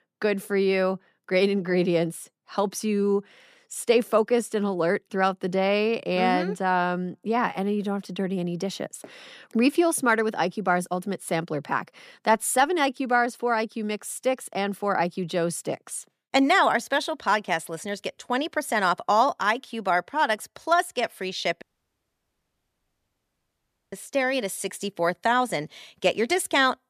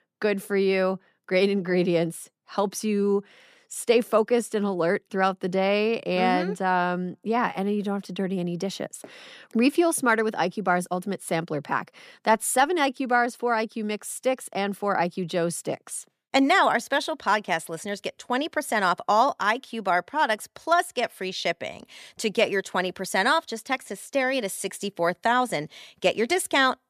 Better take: second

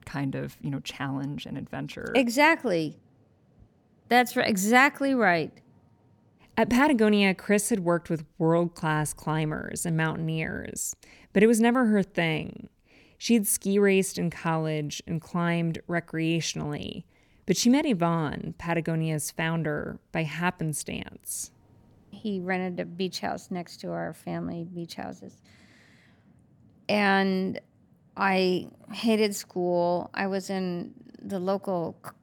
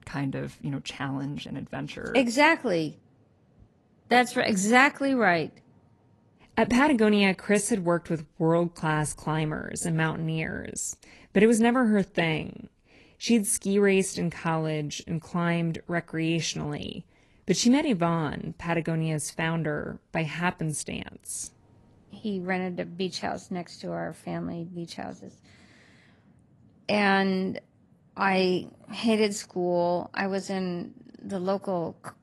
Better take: first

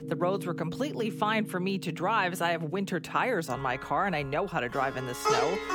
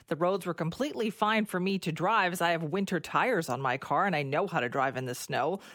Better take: second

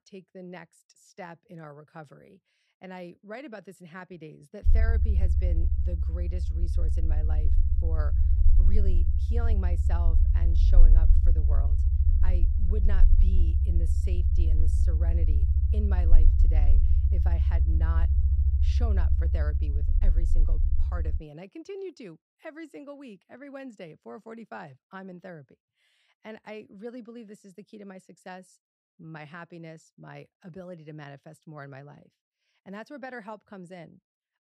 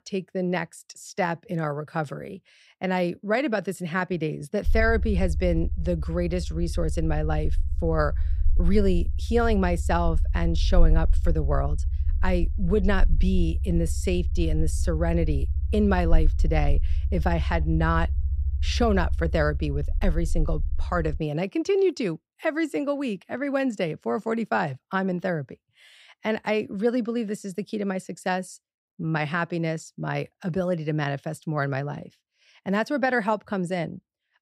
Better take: second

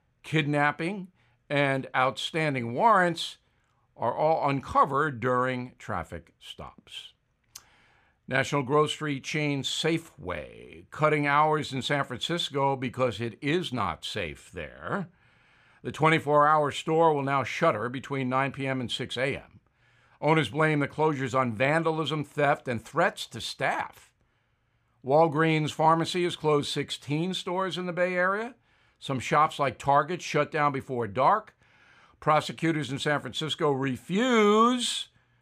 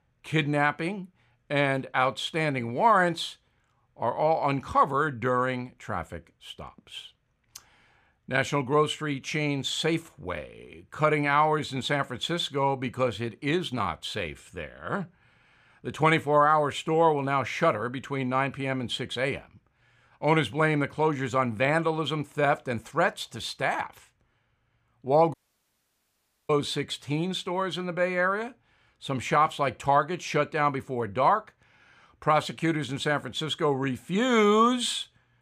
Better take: first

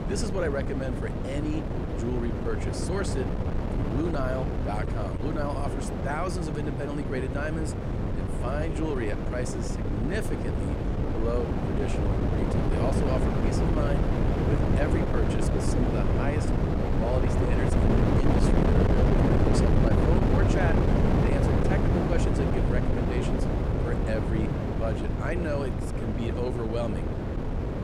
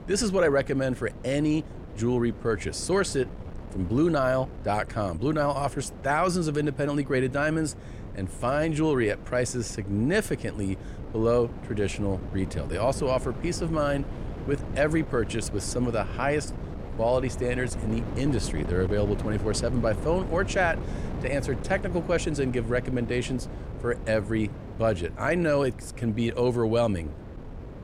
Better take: second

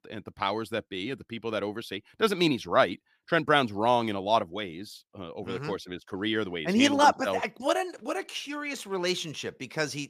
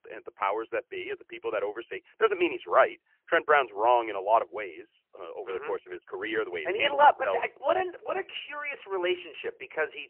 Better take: first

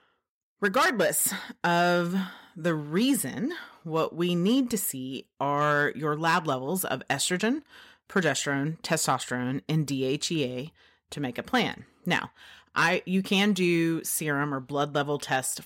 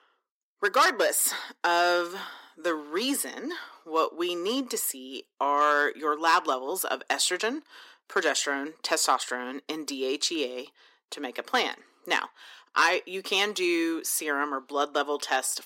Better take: first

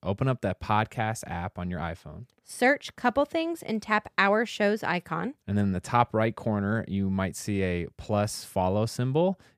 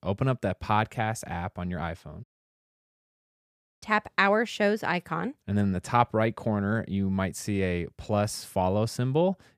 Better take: first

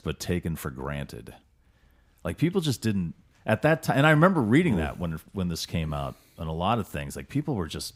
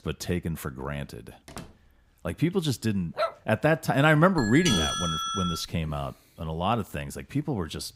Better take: first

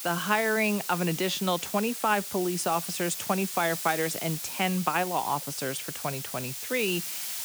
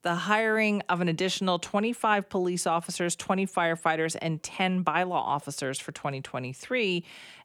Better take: second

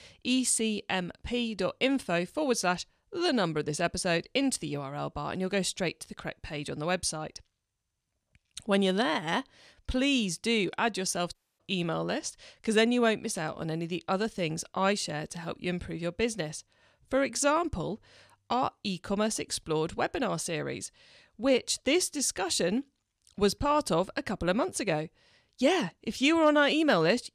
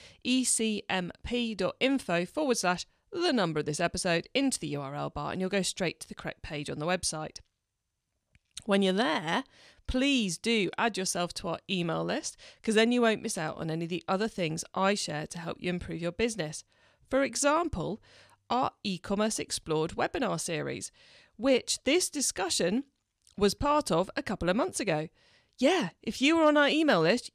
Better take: second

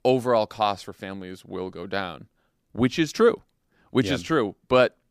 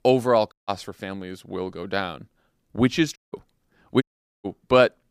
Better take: first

